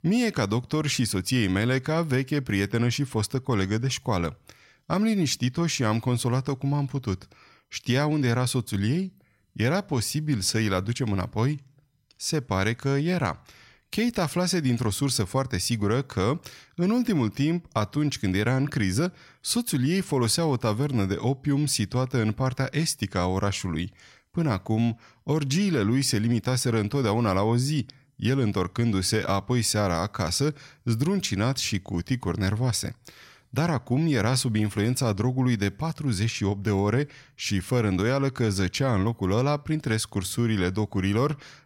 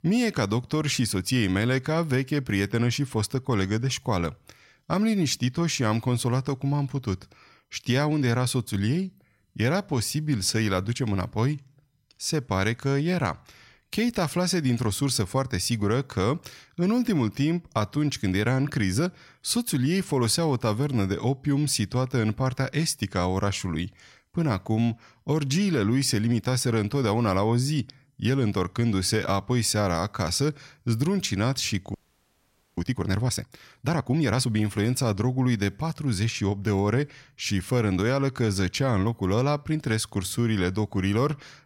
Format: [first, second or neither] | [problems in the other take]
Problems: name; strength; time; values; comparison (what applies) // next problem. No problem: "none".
first | audio freezing; at 32 s for 1 s